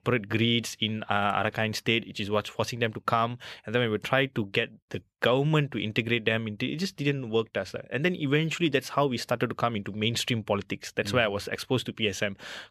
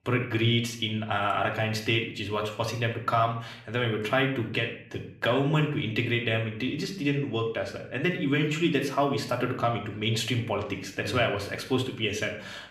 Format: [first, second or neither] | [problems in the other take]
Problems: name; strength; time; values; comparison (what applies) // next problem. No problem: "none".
first | room echo; slight; dies away in 0.5 s // off-mic speech; somewhat distant